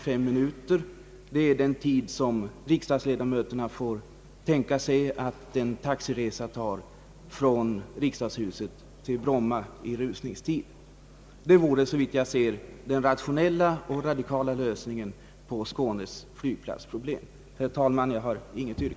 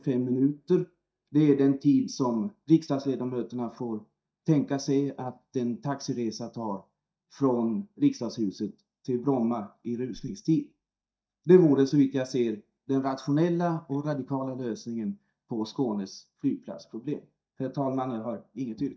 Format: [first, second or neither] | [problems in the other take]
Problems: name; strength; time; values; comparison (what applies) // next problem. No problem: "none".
first | noise reduction (neural mask model DeepFilterNet 3)